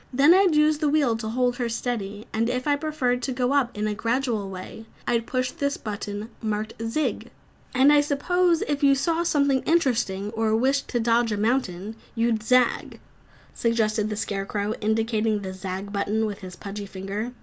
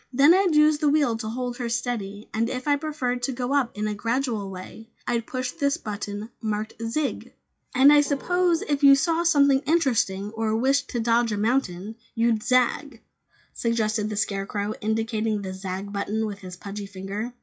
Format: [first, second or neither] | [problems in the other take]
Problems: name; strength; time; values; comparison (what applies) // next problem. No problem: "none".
first | noise reduction (classical method WPE with log-MMSE)